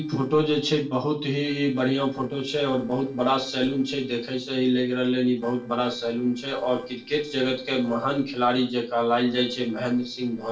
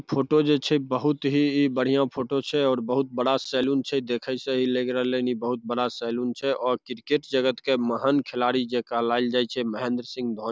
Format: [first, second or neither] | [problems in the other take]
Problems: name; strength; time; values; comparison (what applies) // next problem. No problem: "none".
second | noise reduction (neural separator model SepFormer DNS4)